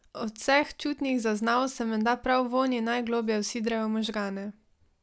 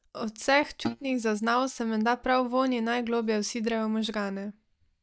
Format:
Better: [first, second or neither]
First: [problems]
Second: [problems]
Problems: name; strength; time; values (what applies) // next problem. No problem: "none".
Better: first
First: none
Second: noise reduction (neural mask model DeepFilterNet 3)